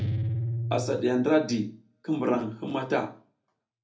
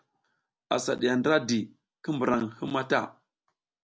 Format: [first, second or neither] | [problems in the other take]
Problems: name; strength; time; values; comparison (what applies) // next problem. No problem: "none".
second | background sound (Guitar); 6 dB below the speech // room echo; dies away in 0.3 s